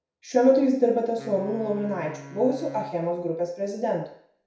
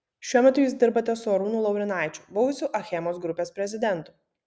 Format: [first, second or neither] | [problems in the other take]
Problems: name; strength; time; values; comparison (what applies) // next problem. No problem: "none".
second | background sound (Wind instrument, woodwind instrument); 19 dB below the speech // room echo; dies away in 0.6 s